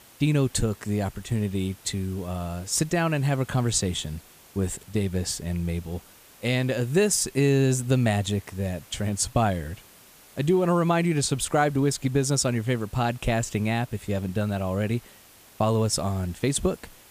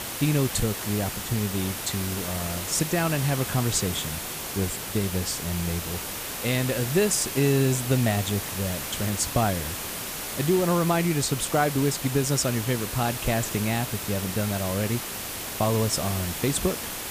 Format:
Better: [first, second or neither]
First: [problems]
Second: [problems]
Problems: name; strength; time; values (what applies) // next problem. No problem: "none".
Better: first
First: hiss; faint; throughout; 25 dB below the speech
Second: hiss; loud; throughout; 5 dB below the speech